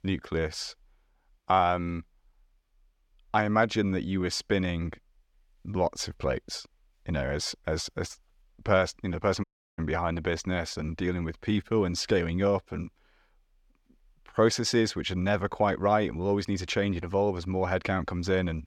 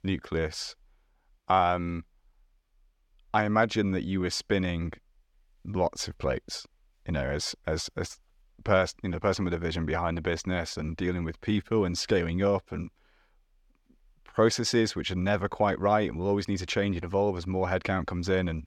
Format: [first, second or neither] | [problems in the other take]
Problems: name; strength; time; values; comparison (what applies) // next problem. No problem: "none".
second | audio cutting out; at 9.5 s